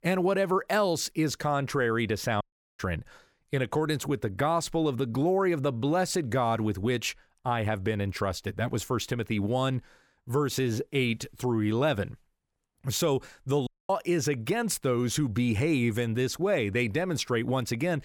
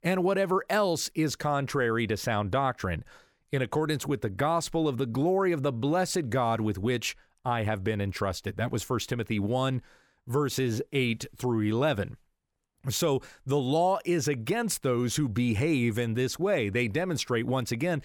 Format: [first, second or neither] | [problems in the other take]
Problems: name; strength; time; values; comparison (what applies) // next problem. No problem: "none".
second | audio cutting out; at 2.5 s and at 14 s